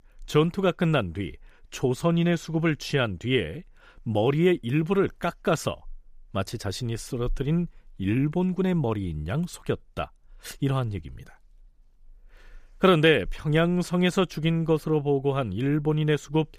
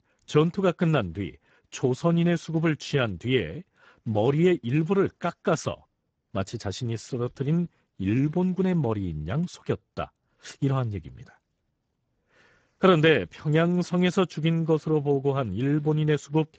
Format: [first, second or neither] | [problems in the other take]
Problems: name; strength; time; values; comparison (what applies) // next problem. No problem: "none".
first | garbled, watery; badly; nothing above 7.5 kHz